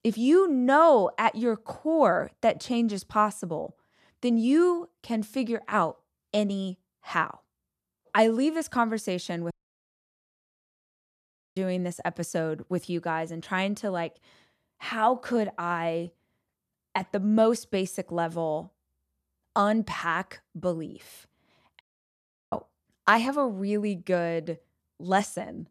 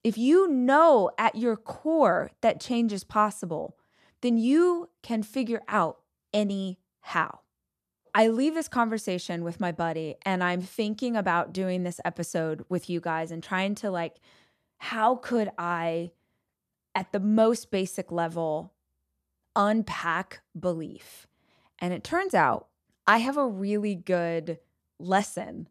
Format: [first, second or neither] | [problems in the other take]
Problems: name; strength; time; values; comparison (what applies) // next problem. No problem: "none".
second | audio cutting out; at 9.5 s for 2 s and at 22 s for 0.5 s